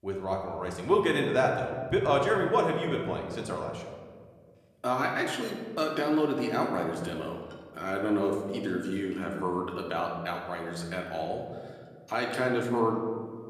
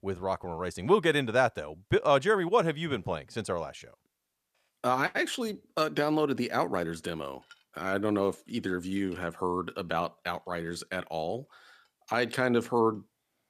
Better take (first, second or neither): second